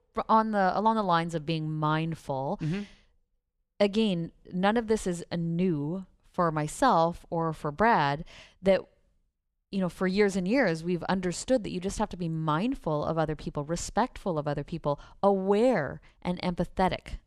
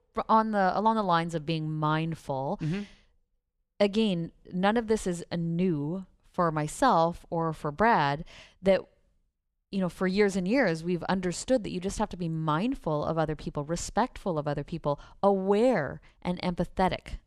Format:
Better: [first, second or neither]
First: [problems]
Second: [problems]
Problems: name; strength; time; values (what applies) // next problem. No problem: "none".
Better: neither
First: none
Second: none